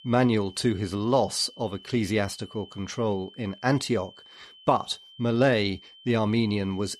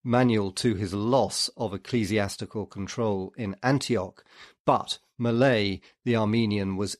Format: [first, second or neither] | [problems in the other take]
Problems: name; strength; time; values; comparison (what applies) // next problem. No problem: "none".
second | high-pitched whine; faint; throughout; 3 kHz, 20 dB below the speech